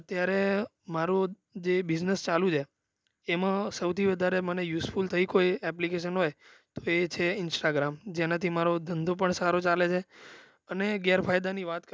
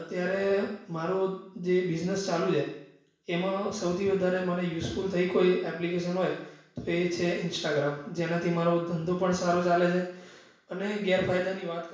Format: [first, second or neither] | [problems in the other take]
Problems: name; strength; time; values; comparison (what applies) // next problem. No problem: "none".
first | room echo; dies away in 0.7 s